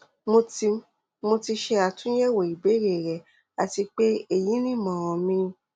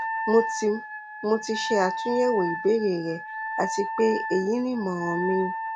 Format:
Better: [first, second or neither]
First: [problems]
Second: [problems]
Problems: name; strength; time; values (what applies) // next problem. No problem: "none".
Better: first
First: none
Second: background sound (Wind instrument, woodwind instrument); 6 dB below the speech